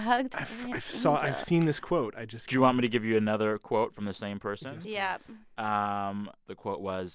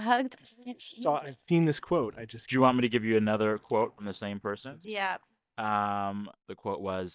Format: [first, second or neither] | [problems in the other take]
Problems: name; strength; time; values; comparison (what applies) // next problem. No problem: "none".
first | noise reduction (neural mask model DeepFilterNet 3)